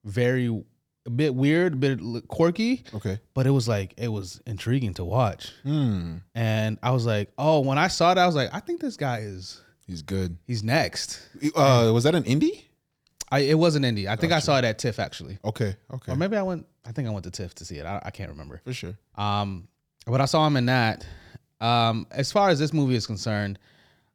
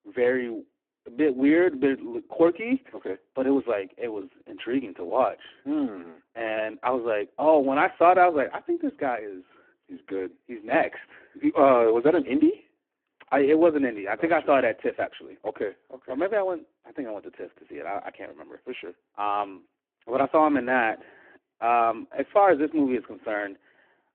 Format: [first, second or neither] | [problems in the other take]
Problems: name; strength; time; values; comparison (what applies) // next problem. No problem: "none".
first | phone-call audio; poor line